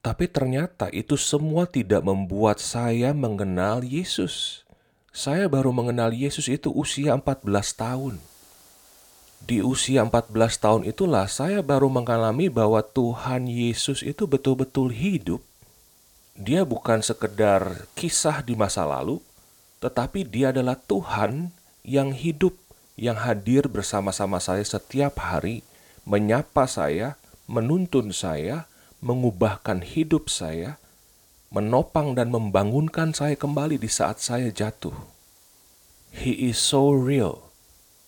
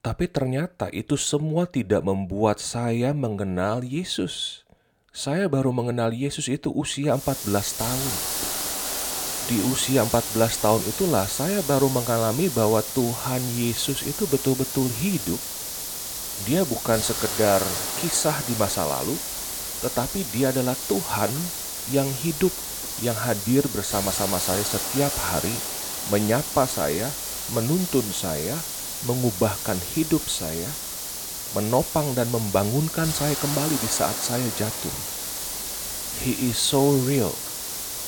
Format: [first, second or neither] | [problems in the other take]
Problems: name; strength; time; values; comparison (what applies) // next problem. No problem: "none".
first | hiss; loud; from 7 s on; 3 dB below the speech; faint in the first